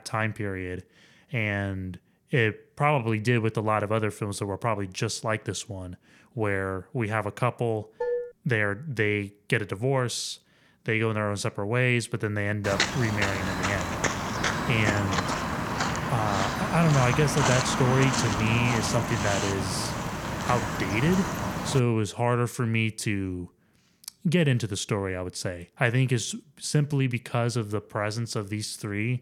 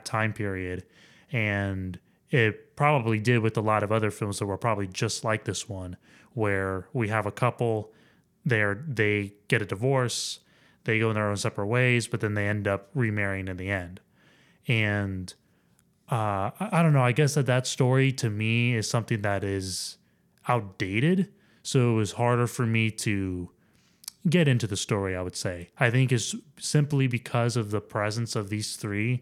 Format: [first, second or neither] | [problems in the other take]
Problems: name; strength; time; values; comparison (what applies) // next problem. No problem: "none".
second | clattering dishes; noticeable; at 8 s; peak 3 dB below the speech // footsteps; loud; from 13 to 22 s; peak 2 dB above the speech